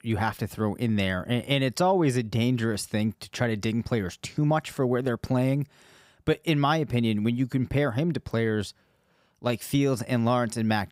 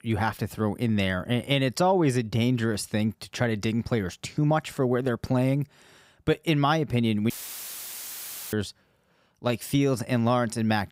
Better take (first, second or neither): first